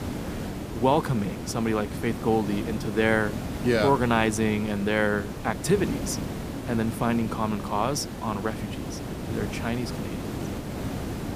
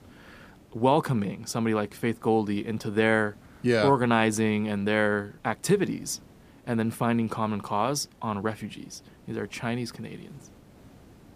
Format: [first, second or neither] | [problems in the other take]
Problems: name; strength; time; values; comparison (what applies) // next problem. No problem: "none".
second | hiss; loud; throughout; 7 dB below the speech; faint in the second